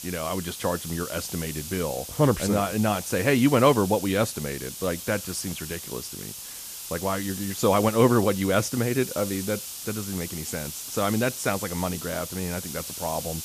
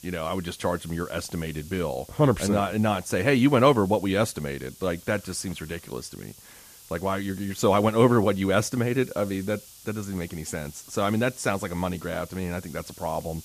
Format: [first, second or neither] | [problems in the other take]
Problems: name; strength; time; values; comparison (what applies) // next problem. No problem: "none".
second | hiss; loud; throughout; 8 dB below the speech; faint in the second